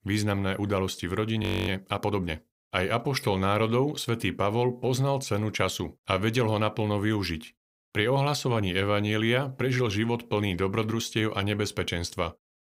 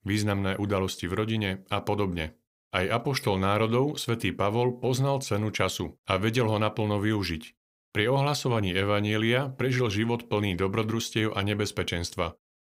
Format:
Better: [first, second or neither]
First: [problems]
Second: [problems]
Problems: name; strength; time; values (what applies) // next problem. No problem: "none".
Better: second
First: audio freezing; at 1.5 s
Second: none